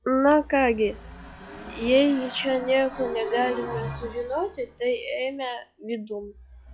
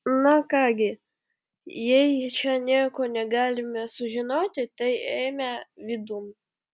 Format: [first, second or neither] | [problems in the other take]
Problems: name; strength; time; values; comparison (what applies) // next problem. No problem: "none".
second | noise reduction (classical method log-MMSE)